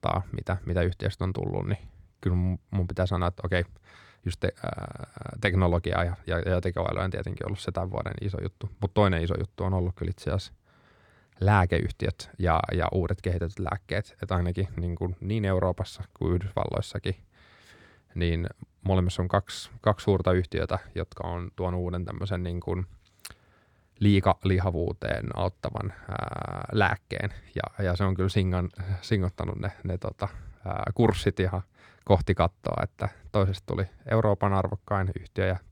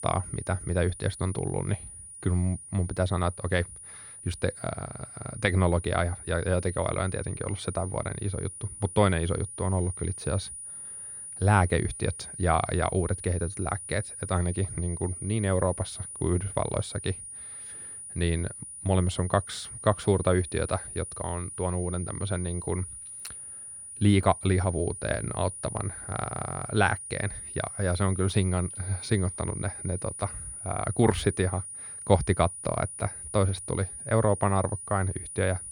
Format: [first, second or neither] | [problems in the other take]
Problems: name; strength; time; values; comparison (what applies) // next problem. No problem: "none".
first | high-pitched whine; loud; throughout; 9.5 kHz, 9 dB below the speech